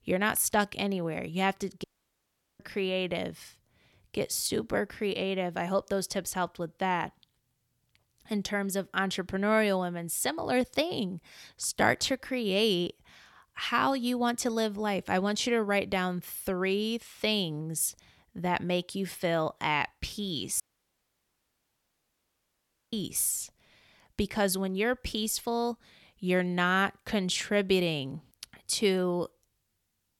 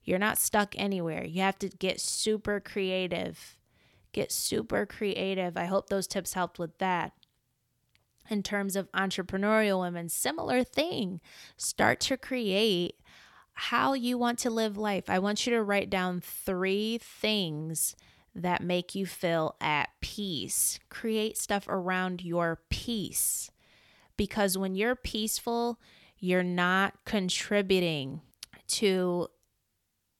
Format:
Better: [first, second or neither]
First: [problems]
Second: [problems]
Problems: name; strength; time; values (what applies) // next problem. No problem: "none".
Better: second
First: audio cutting out; at 2 s for 0.5 s and at 21 s for 2.5 s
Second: none